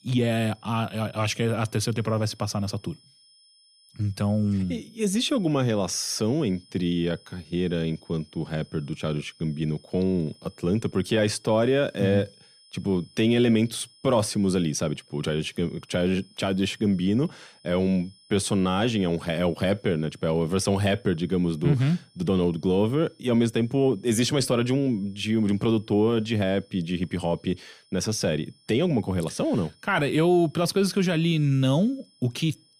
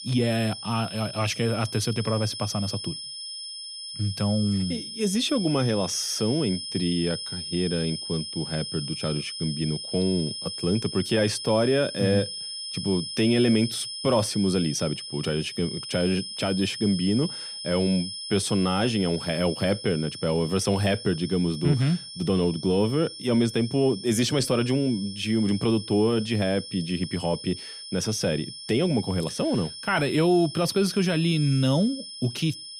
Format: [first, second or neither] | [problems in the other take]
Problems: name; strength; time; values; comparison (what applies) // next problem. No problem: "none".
first | high-pitched whine; loud; throughout; 5 kHz, 8 dB below the speech; faint in the first